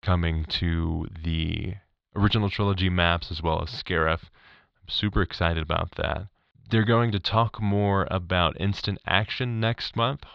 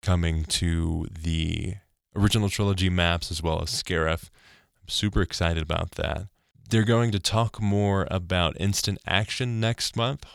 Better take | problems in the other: second | muffled; slightly; fading above 4 kHz

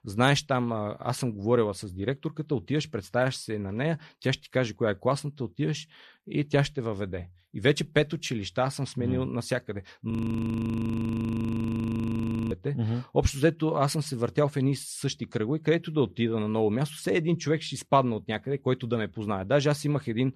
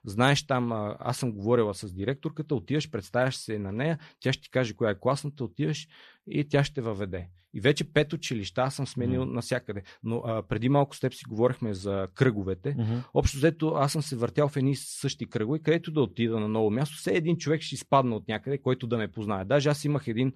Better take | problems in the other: second | audio freezing; at 10 s for 2.5 s

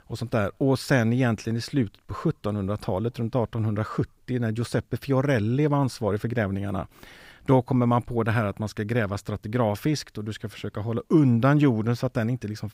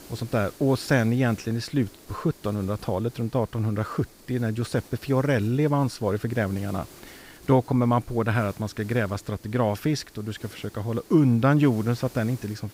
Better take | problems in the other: first | hiss; faint; throughout; 20 dB below the speech

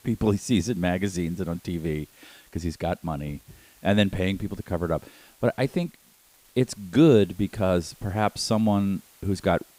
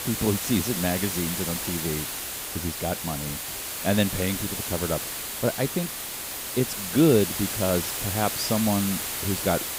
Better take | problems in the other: first | hiss; loud; throughout; 2 dB below the speech; faint in the first

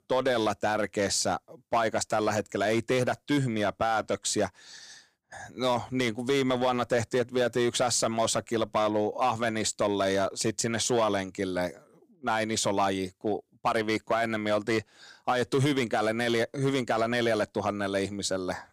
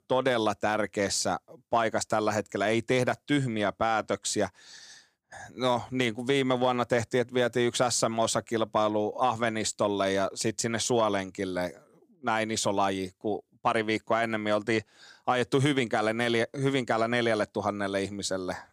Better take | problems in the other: second | distortion; slight; 4% of the sound clipped

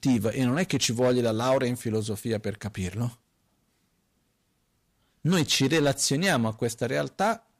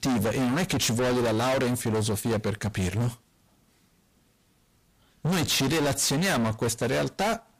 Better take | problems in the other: first | distortion; heavy; 29% of the sound clipped

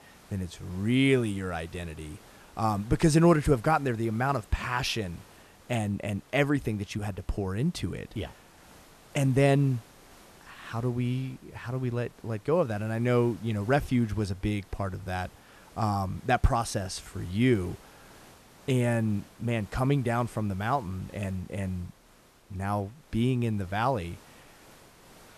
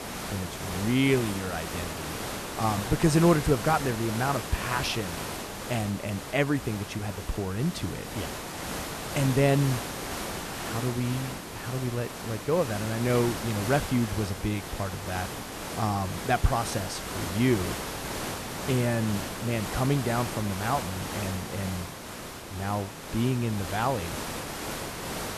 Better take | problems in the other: first | hiss; loud; throughout; 6 dB below the speech; faint in the first

